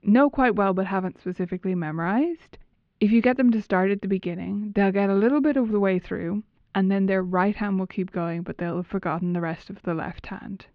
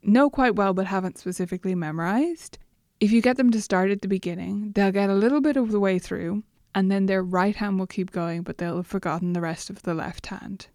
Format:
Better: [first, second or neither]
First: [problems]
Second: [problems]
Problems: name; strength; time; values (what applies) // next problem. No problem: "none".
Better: second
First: muffled; slightly; fading above 3 kHz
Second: none